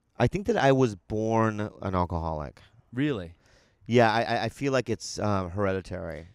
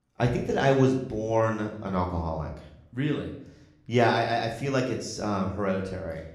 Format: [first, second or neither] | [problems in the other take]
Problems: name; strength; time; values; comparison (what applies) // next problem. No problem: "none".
first | room echo; slight; dies away in 0.6 s // off-mic speech; somewhat distant